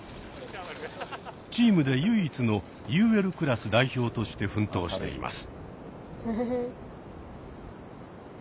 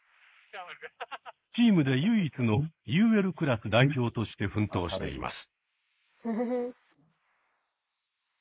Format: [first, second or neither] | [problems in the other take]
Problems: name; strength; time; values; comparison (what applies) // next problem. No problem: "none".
first | noise reduction (neural mask model Resemble Enhance denoiser)